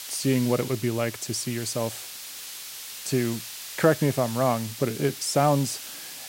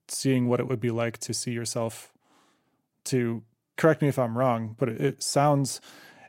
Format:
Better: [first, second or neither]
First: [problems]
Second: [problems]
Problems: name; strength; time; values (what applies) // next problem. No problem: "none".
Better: second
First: hiss; noticeable; throughout; 10 dB below the speech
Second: none